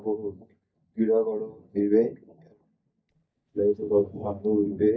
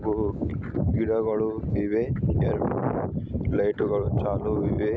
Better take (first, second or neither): second